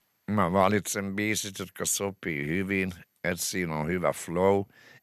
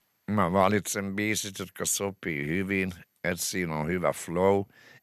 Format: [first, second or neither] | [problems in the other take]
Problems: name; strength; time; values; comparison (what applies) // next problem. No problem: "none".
neither | none